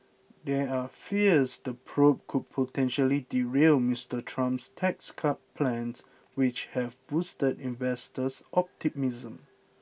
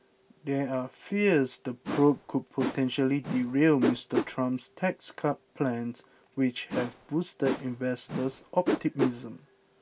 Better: first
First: none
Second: background sound (Whoosh, swoosh, swish); 6 dB below the speech

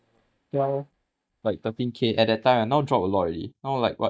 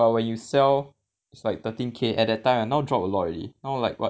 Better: second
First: noise reduction (neural mask model DeepFilterNet 3)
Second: none

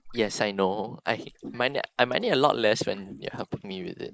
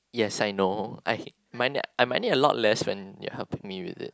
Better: second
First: noise reduction (neural mask model Resemble Enhance denoiser)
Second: none

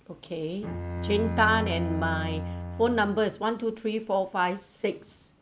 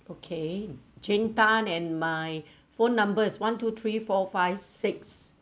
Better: second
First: background sound (Bowed string instrument); 5 dB below the speech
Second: none

